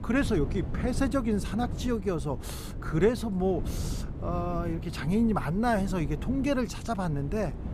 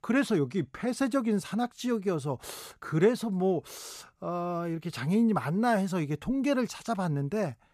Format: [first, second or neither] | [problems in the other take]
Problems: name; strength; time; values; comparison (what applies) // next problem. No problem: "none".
second | wind noise on the microphone; occasional gusts; 15 dB below the speech